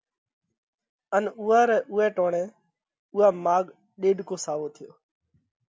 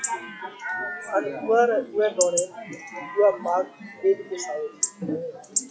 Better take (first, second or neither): first